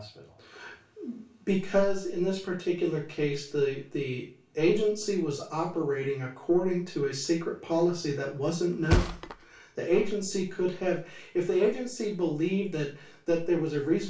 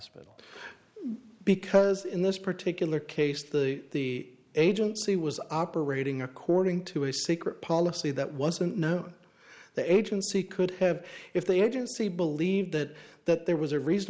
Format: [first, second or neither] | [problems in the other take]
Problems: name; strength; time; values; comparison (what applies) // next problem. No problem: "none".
second | background sound (Thump, thud); 4 dB below the speech // room echo; dies away in 0.3 s